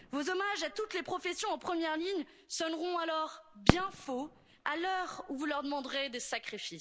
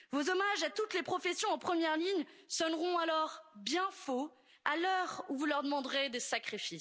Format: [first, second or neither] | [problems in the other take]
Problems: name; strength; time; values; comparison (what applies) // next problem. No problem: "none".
second | background sound (Fireworks); 4 dB below the speech